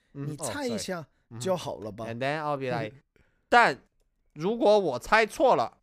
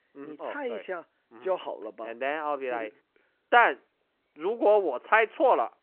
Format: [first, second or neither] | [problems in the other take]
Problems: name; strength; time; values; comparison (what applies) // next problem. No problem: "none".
first | phone-call audio